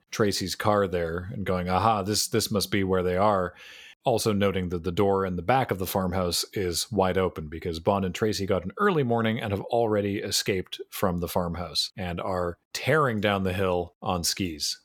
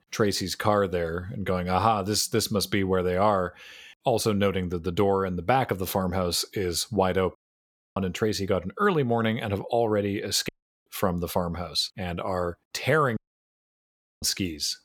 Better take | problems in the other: first | audio cutting out; at 7.5 s for 0.5 s, at 10 s and at 13 s for 1 s

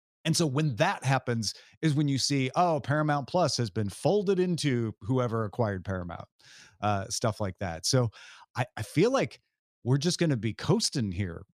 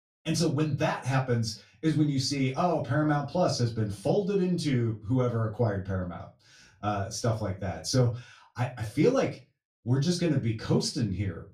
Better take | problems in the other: first | off-mic speech; far // room echo; very slight; dies away in 0.2 s

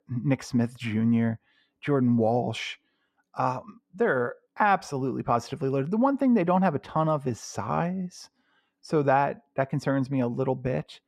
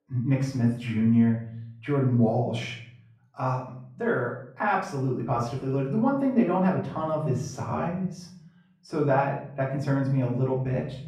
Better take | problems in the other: first | off-mic speech; far // room echo; noticeable; dies away in 0.6 s

